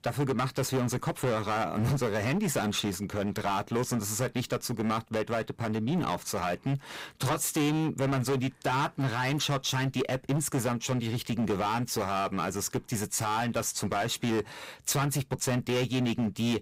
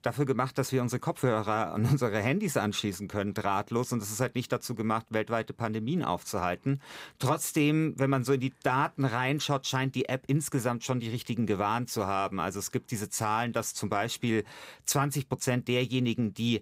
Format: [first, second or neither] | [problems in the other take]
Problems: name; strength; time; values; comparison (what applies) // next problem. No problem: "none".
second | distortion; heavy; 15% of the sound clipped